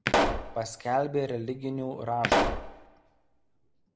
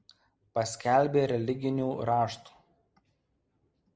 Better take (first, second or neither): second